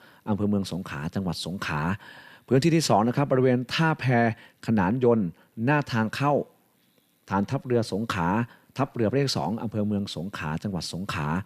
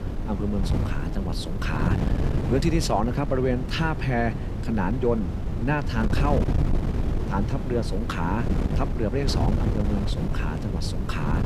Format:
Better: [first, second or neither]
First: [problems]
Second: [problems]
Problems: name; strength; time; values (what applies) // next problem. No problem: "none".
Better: first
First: none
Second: wind noise on the microphone; heavy; 6 dB below the speech